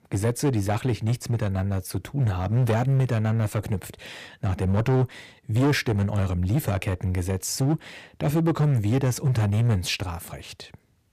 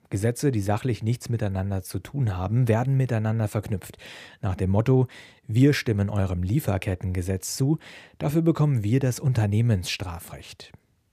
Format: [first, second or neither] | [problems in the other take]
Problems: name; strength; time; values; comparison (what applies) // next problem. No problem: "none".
second | distortion; slight; 10% of the sound clipped